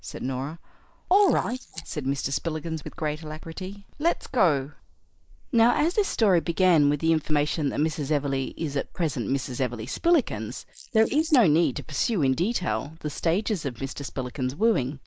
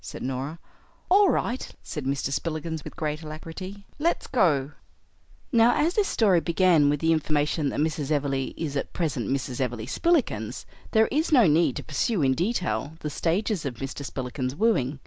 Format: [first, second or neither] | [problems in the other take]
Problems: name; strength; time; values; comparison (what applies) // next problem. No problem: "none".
second | noise reduction (neural mask model Resemble Enhance denoiser)